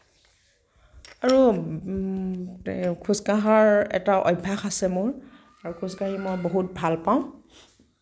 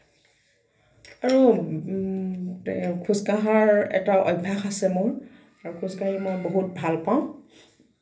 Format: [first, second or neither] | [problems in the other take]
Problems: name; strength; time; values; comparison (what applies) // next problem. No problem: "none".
first | room echo; dies away in 0.3 s